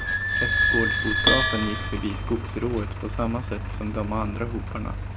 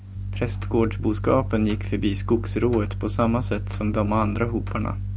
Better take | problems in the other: second | background sound (Squeak / Idling + Bell); 1 dB above the speech

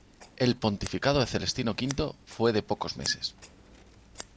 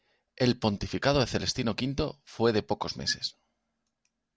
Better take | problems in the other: second | background sound (Scissors); 18 dB below the speech

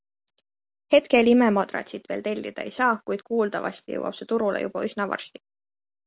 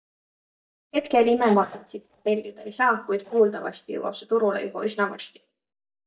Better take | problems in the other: first | noise reduction (neural mask model DeepFilterNet 3)

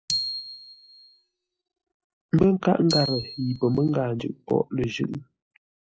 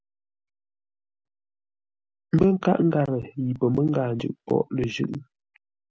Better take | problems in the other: second | noise reduction (classical method log-MMSE)

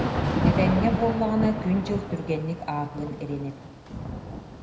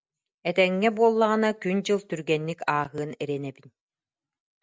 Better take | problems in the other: second | background sound (Thunder / Rain); 1 dB below the speech // room echo; dies away in 0.7 s

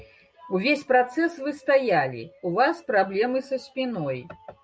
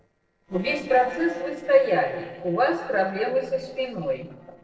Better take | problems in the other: first | noise reduction (neural separator model SepFormer DNS4)

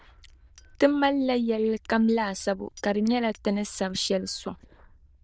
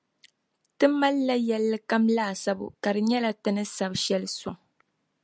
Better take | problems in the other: second | noise reduction (neural diffusion model UNIVERSE++)

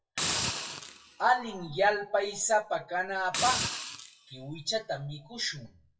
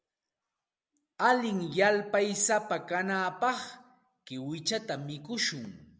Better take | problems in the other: second | noise reduction (classical method WPE with log-MMSE)

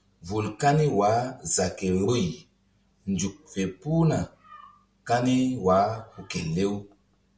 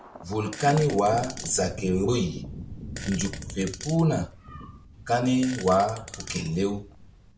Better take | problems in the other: first | background sound (Thunder + Fart); 12 dB below the speech

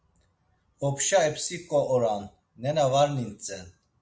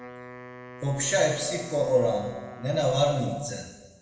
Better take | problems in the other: first | background sound (Wind instrument, woodwind instrument); 17 dB below the speech // room echo; dies away in 1.2 s

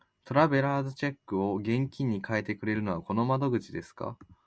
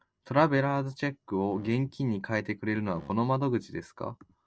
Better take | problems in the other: first | noise reduction (neural separator model SepFormer DNS4)

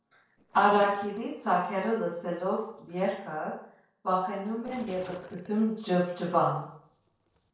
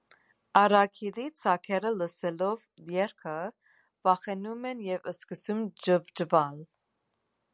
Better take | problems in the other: second | noise reduction (neural separator model SepFormer DNS4)

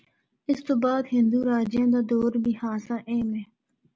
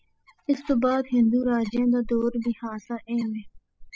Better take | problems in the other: first | noise reduction (classical method spectral subtraction)

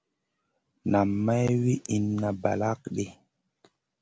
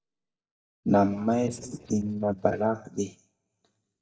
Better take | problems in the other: first | noise reduction (neural mask model DeepFilterNet 3)

